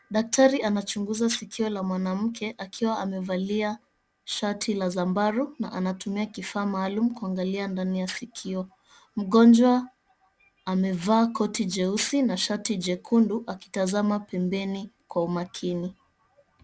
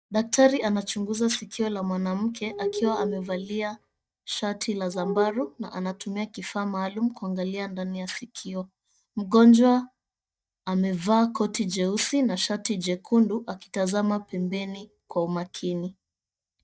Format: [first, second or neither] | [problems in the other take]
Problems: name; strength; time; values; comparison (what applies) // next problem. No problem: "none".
first | noise reduction (neural mask model DeepFilterNet 3)